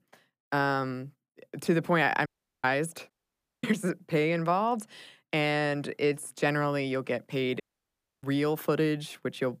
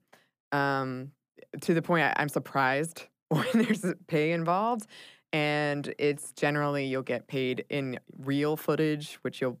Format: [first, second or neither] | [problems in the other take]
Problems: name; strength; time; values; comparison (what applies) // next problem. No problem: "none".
second | audio cutting out; at 2.5 s, at 3 s for 0.5 s and at 7.5 s for 0.5 s